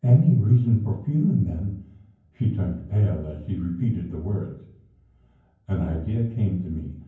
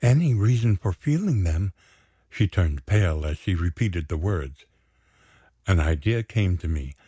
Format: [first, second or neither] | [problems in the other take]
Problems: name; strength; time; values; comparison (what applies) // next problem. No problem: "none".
second | room echo; dies away in 0.9 s